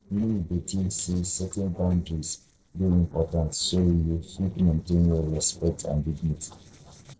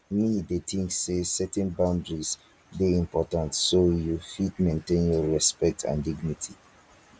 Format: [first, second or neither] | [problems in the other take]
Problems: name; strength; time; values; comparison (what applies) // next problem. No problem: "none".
second | noise reduction (neural separator model SepFormer DNS4)